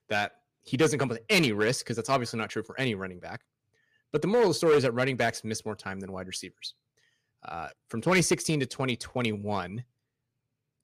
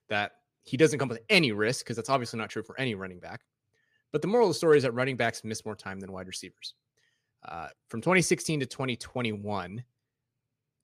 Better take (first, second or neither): second